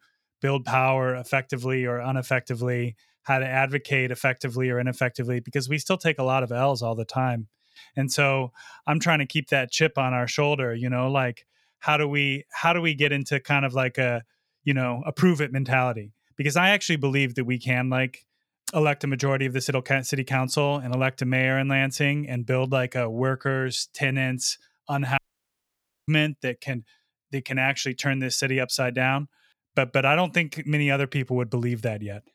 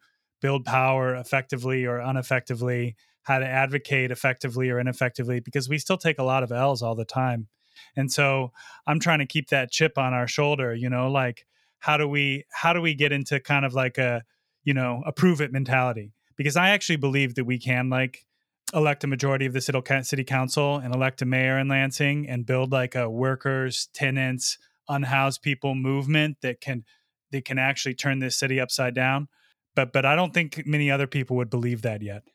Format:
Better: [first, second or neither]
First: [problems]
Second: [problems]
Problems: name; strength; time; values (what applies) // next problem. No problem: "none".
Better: second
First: audio cutting out; at 25 s for 1 s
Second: none